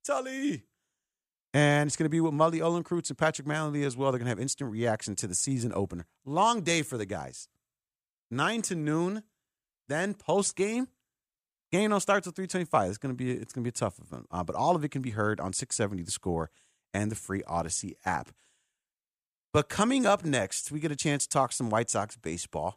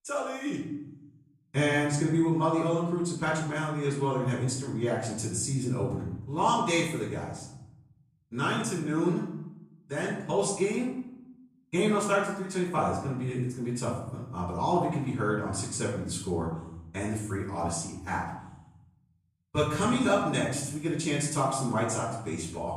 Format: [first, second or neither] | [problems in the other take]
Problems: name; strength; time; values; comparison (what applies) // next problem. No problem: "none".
first | off-mic speech; far // room echo; noticeable; dies away in 0.9 s